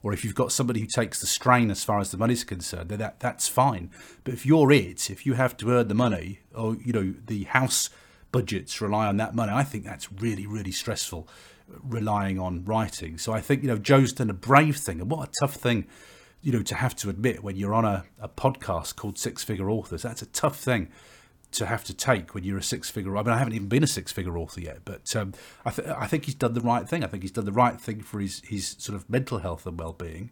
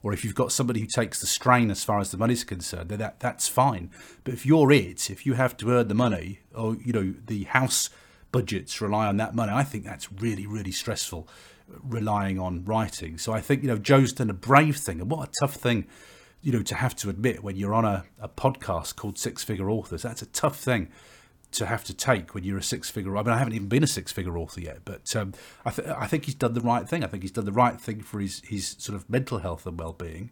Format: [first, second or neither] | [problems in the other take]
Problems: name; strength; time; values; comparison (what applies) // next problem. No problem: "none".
neither | none